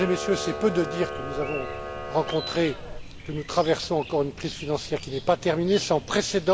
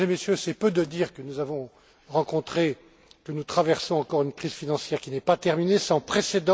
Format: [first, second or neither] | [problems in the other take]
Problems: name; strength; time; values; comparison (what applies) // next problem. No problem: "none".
second | background sound (Camera + Chirp, tweet); 9 dB below the speech